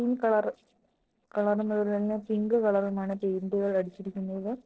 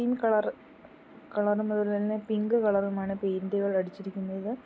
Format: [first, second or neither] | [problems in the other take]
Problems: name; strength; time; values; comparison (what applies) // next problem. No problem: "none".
second | noise reduction (neural separator model SepFormer DNS4)